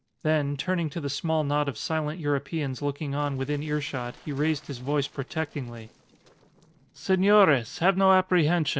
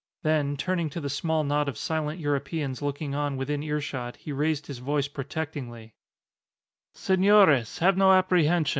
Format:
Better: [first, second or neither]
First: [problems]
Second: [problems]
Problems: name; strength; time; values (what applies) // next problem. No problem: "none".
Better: second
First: noise reduction (neural separator model SepFormer DNS4)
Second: none